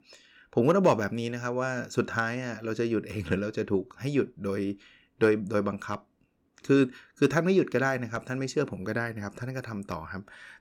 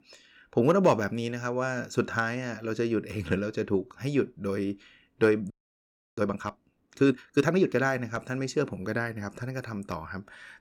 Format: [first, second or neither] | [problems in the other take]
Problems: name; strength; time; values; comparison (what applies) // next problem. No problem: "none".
first | audio freezing; at 5.5 s for 0.5 s